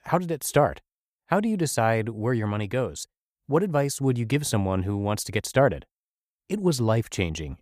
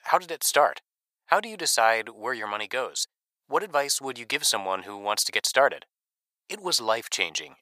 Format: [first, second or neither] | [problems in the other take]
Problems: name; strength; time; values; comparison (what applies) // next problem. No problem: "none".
first | thin; very; fading below 900 Hz